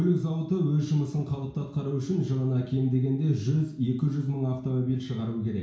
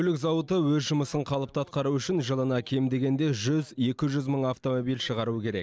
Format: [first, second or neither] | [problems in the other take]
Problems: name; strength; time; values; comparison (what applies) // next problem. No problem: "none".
second | room echo; dies away in 0.6 s